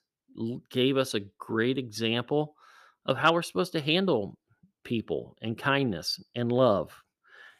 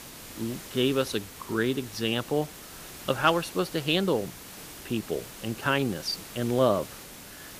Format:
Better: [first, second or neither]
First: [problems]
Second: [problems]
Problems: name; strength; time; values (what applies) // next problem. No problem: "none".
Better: first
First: none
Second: hiss; noticeable; throughout; 15 dB below the speech